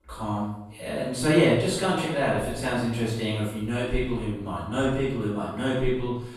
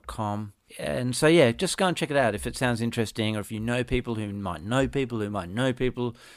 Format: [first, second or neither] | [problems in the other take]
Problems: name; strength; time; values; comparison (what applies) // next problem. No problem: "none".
second | room echo; noticeable; dies away in 0.7 s // off-mic speech; far